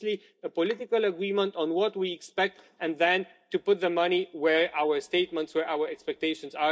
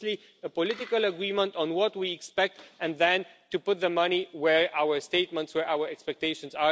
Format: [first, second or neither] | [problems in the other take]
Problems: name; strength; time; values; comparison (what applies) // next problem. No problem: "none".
second | noise reduction (neural mask model DeepFilterNet 3)